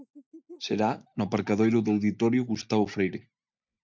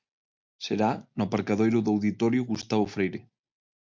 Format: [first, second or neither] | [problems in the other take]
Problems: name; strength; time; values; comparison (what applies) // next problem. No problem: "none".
second | noise reduction (neural mask model DeepFilterNet 3)